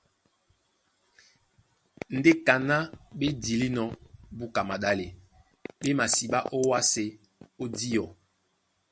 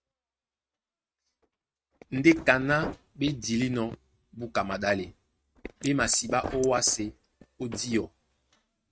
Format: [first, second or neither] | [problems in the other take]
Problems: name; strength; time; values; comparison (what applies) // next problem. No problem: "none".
first | noise reduction (neural mask model RNNoise)